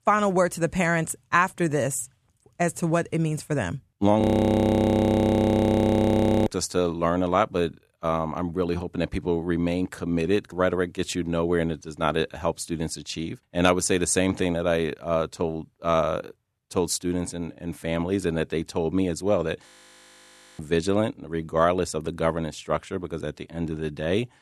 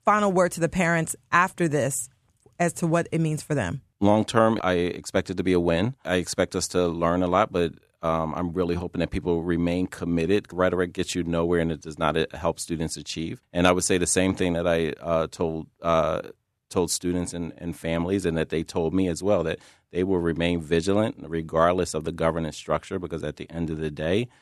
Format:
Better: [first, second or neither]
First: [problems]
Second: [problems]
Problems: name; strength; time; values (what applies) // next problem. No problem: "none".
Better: second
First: audio freezing; at 4 s for 2.5 s and at 20 s for 1 s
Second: none